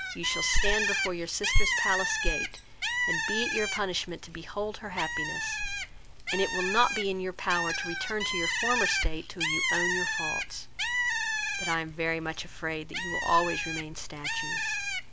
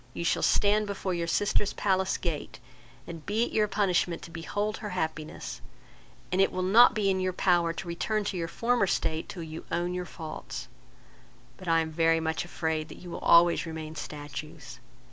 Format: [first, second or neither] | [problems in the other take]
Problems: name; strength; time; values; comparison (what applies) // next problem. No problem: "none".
second | background sound (Bird); 1 dB below the speech